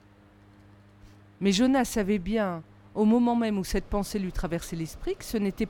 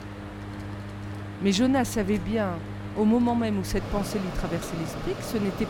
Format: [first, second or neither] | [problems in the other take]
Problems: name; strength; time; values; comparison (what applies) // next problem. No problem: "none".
first | machinery noise; loud; throughout; 9 dB below the speech; faint in the first